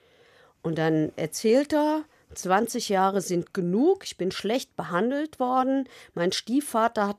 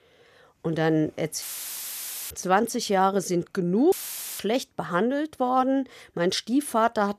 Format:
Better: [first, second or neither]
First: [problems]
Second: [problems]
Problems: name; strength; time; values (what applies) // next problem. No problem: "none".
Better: first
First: none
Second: audio cutting out; filled with static; at 1.5 s for 1 s and at 4 s